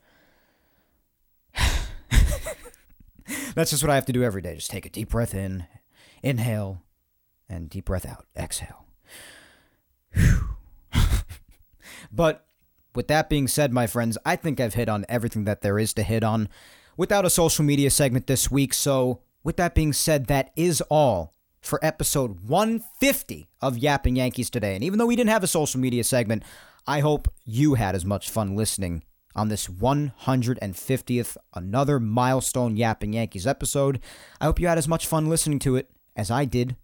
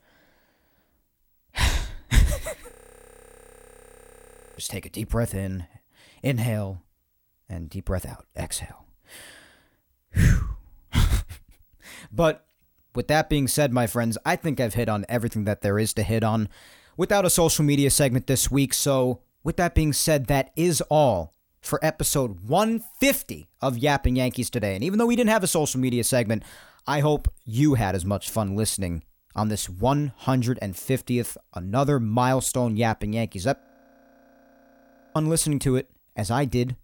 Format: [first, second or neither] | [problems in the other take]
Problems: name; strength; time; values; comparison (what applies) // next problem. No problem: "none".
first | audio freezing; at 2.5 s for 2 s and at 34 s for 1.5 s